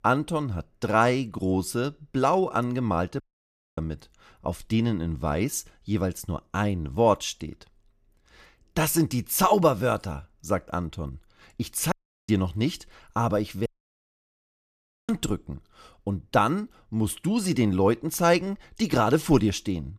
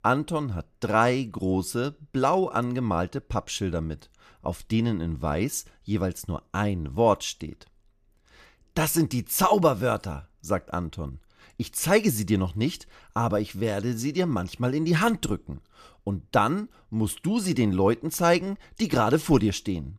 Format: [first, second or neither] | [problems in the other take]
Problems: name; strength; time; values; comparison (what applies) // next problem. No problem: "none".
second | audio cutting out; at 3 s for 0.5 s, at 12 s and at 14 s for 1.5 s